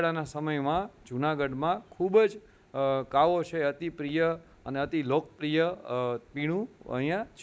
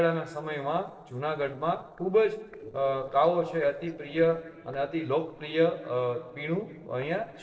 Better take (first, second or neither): first